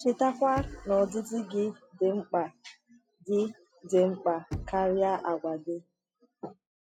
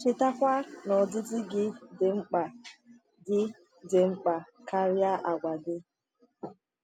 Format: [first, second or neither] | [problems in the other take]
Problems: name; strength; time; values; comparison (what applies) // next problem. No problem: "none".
second | noise reduction (classical method log-MMSE)